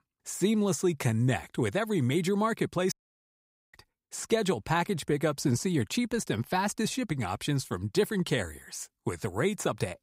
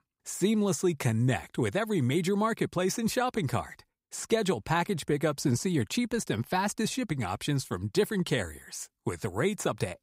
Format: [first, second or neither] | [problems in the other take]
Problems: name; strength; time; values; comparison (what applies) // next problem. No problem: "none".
second | audio cutting out; at 3 s for 1 s